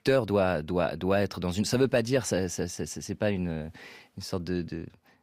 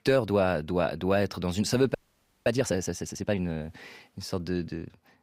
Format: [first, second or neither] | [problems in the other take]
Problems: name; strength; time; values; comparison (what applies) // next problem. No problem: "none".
first | audio freezing; at 2 s for 0.5 s